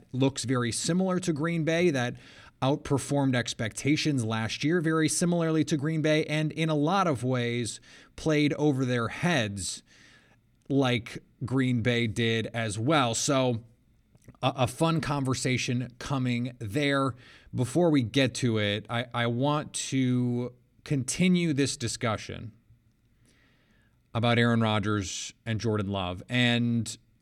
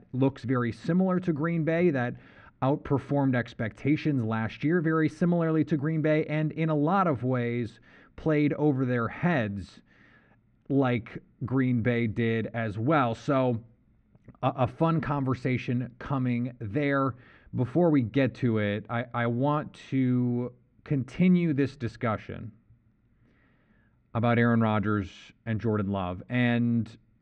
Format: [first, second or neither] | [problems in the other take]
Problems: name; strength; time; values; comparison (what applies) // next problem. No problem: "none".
first | muffled; very; fading above 1.5 kHz